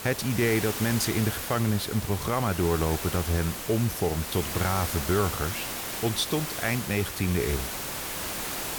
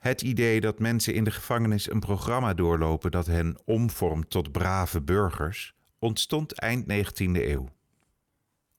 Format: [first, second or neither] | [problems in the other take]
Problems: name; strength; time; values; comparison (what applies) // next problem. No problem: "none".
second | hiss; loud; throughout; 5 dB below the speech